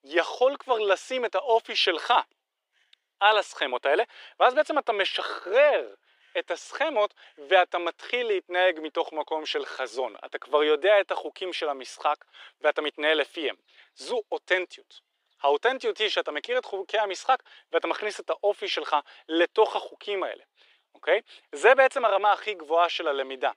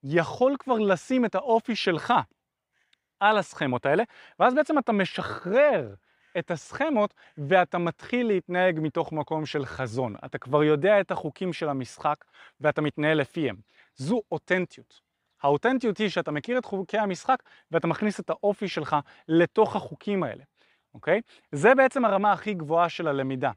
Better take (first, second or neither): second